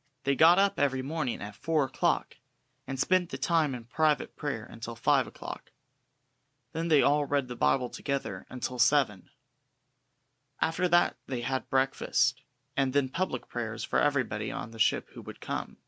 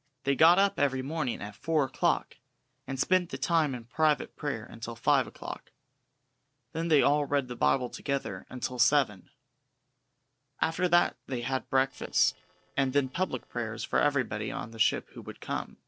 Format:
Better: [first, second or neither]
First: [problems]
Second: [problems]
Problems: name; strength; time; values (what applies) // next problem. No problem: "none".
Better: first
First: none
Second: noise reduction (neural separator model SepFormer DNS4)